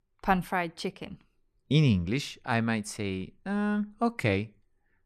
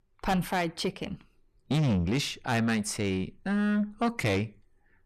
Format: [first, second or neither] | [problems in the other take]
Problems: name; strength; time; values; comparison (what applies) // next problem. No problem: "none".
first | distortion; heavy; 6 dB below the speech